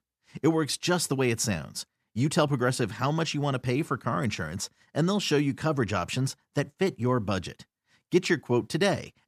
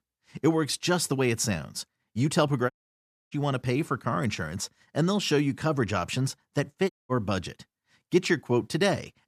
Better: first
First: none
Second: audio cutting out; at 2.5 s for 0.5 s and at 7 s

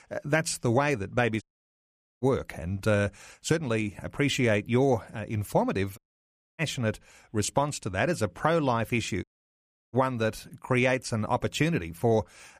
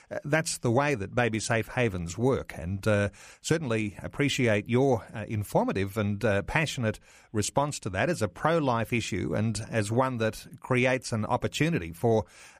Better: second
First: audio cutting out; at 1.5 s for 1 s, at 6 s for 0.5 s and at 9 s for 0.5 s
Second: none

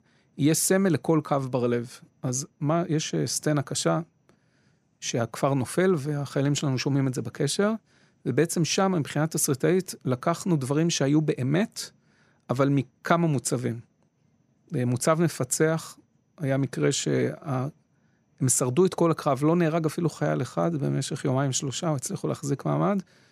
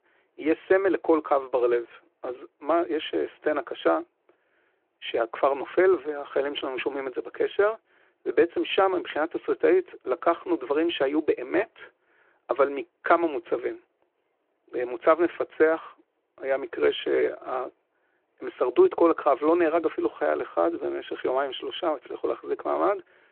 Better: first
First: none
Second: phone-call audio

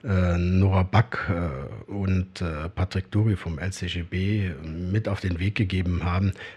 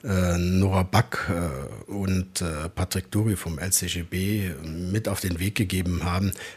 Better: second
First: muffled; slightly; fading above 3 kHz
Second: none

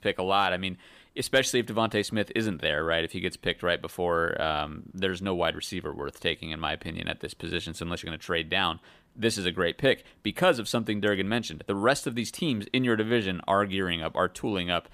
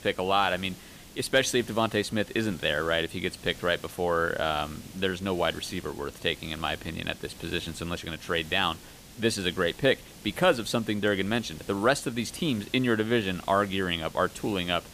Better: first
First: none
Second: hiss; noticeable; throughout; 20 dB below the speech

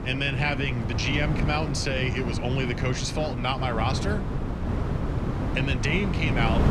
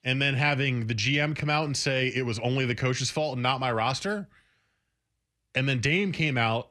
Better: second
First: wind noise on the microphone; heavy; 7 dB below the speech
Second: none

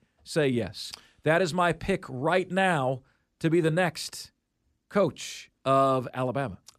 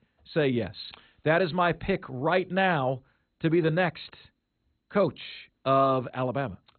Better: first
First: none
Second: garbled, watery; badly; nothing above 4 kHz

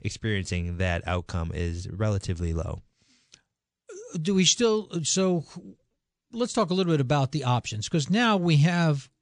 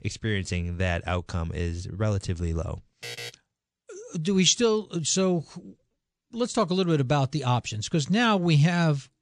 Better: first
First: none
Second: alarm; faint; at 3 s; peak 10 dB below the speech

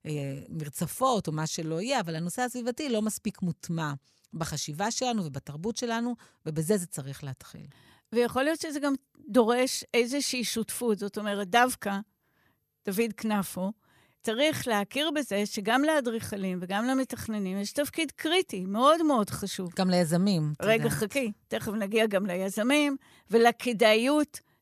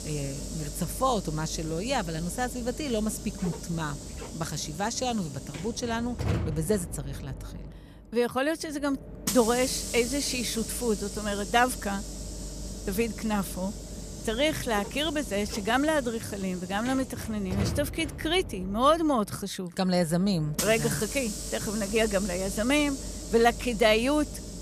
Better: first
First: none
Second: hiss; loud; throughout; 8 dB below the speech

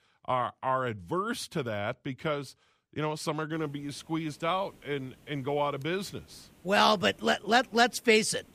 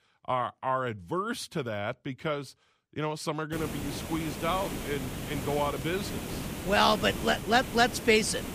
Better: first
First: hiss; faint; from 3.5 s on; 30 dB below the speech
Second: hiss; loud; from 3.5 s on; 8 dB below the speech

